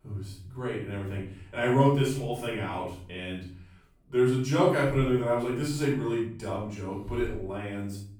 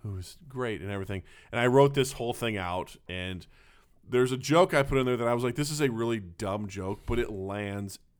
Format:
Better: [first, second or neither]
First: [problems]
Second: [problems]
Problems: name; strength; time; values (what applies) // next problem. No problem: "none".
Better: second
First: off-mic speech; far // room echo; noticeable; dies away in 0.5 s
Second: none